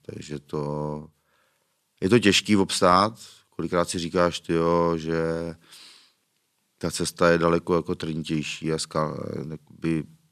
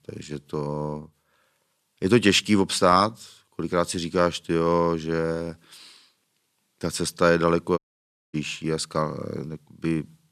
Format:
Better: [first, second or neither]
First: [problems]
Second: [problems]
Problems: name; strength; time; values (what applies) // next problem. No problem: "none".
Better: first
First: none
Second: audio cutting out; at 8 s for 0.5 s